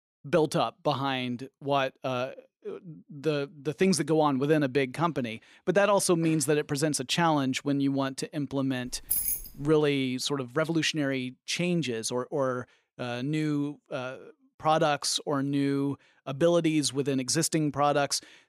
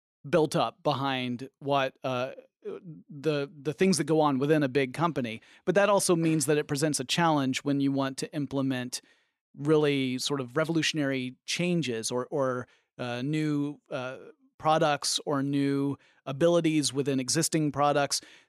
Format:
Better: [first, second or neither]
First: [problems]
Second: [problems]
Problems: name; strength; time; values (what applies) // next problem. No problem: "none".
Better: second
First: jangling keys; loud; at 9 s; peak 1 dB above the speech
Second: none